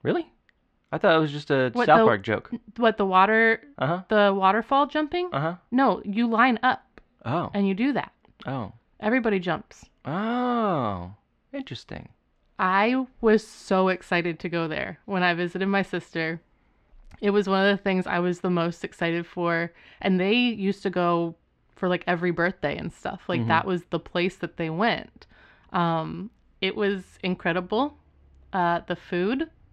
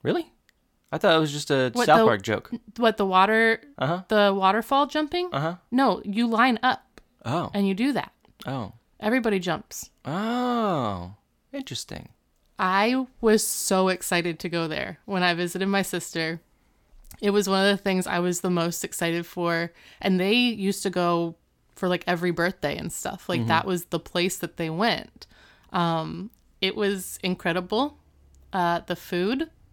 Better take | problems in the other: second | muffled; slightly; fading above 2.5 kHz

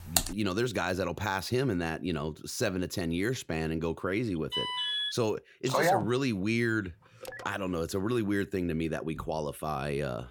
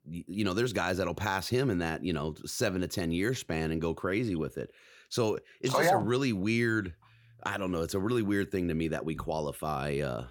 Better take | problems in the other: second | keyboard typing; loud; at the start; peak 2 dB above the speech // alarm; loud; at 4.5 s; peak 2 dB above the speech // phone ringing; faint; at 7 s; peak 10 dB below the speech

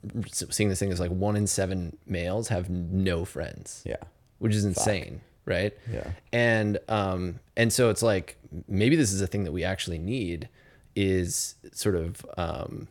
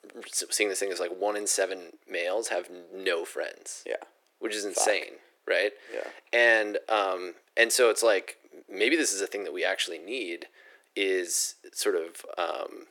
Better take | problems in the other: first | thin; very; fading below 350 Hz

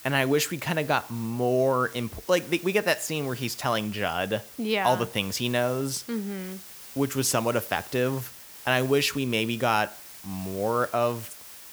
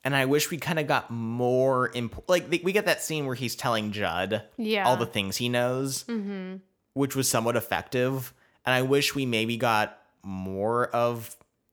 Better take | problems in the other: second | hiss; noticeable; throughout; 15 dB below the speech

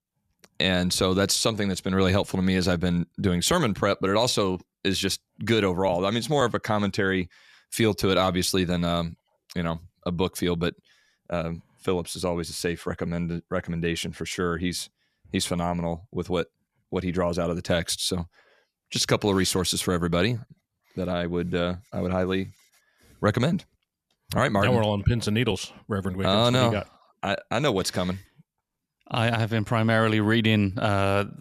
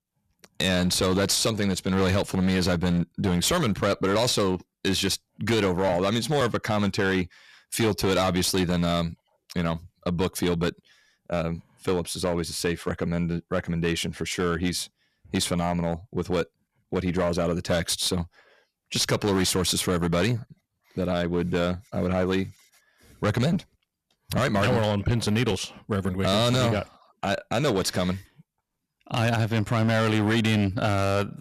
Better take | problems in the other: first | distortion; slight; 10% of the sound clipped

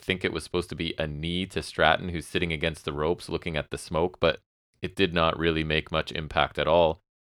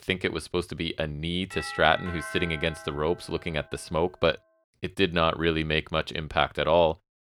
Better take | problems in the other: first | doorbell; noticeable; from 1.5 to 3.5 s; peak 9 dB below the speech

